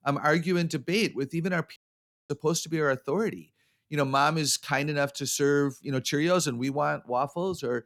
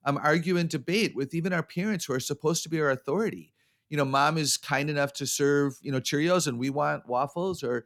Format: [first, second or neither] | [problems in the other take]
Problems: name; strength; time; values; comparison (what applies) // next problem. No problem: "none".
second | audio cutting out; at 2 s for 0.5 s